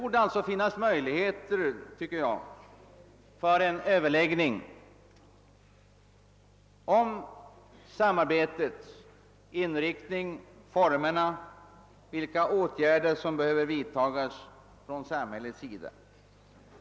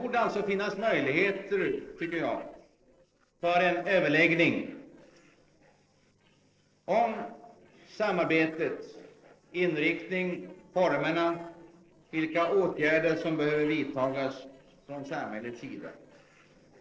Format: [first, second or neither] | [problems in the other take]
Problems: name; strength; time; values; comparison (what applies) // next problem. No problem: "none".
first | noise reduction (neural separator model SepFormer DNS4)